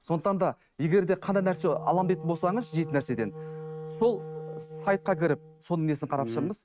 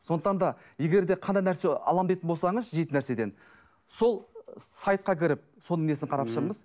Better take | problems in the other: second | noise reduction (neural mask model RNNoise)

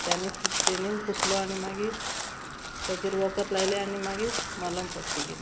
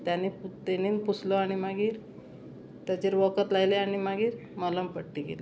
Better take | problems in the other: second | background sound (Crow); 1 dB below the speech

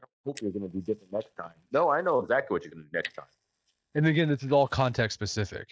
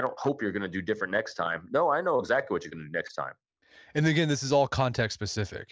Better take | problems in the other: second | noise reduction (neural mask model DeepFilterNet 3)

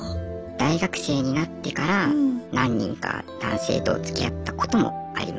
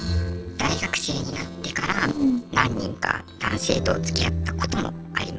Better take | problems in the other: first | noise reduction (neural separator model SepFormer DNS4)

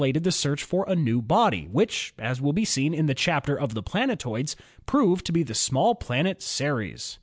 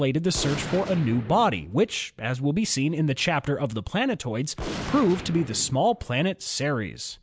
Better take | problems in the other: first | background sound (Gunshot, gunfire); 14 dB below the speech

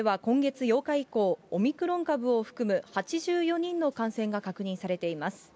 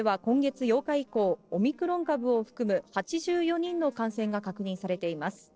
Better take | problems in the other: first | noise reduction (neural separator model SepFormer DNS4)

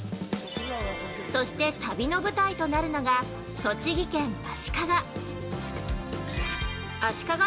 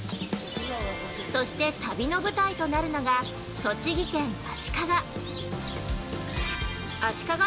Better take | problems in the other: first | background sound (Bird); 14 dB below the speech

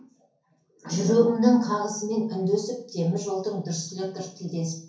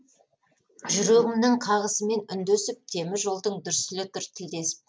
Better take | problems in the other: second | room echo; dies away in 0.6 s

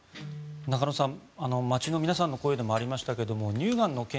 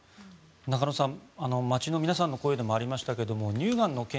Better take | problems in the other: second | background sound (Guitar + Clock); 18 dB below the speech

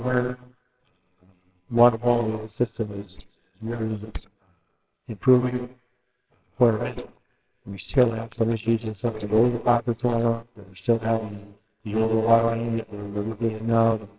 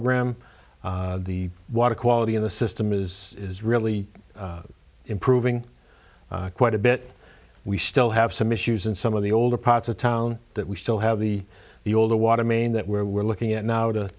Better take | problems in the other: second | noise reduction (neural separator model SepFormer WHAMR!)

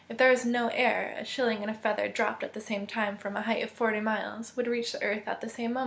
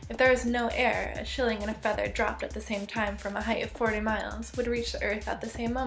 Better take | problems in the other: first | background sound (Drum kit); 12 dB below the speech

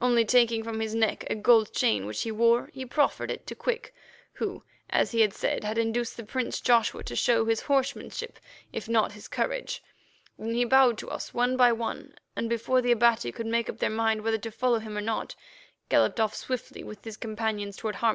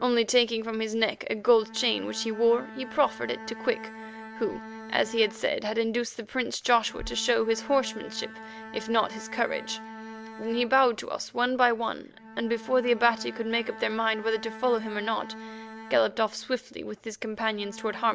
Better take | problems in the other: first | background sound (Bowed string instrument); 16 dB below the speech

